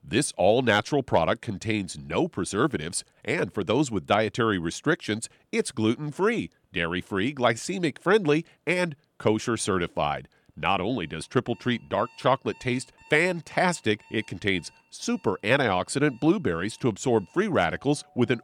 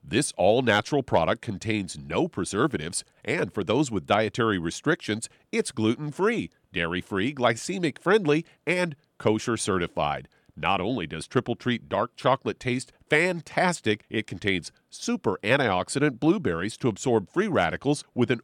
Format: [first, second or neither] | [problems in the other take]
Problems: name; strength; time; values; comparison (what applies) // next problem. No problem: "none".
second | alarms or sirens; faint; from 11 s on; 30 dB below the speech